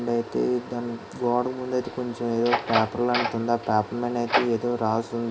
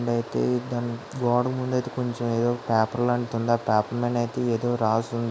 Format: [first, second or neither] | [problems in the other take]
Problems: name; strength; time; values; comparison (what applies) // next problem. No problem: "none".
second | background sound (Door); 5 dB below the speech // room echo; dies away in 0.3 s